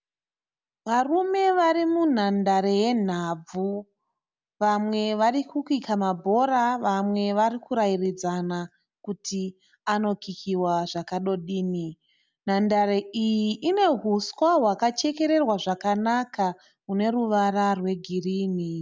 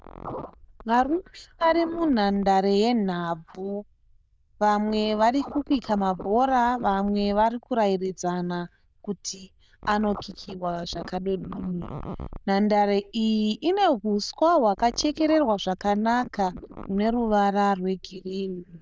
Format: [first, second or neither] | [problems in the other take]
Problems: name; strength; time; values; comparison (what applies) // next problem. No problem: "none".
first | noise reduction (neural diffusion model UNIVERSE++)